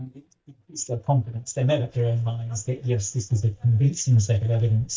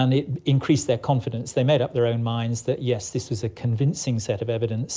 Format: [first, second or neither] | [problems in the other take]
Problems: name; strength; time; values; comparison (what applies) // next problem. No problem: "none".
second | noise reduction (neural mask model DeepFilterNet 3)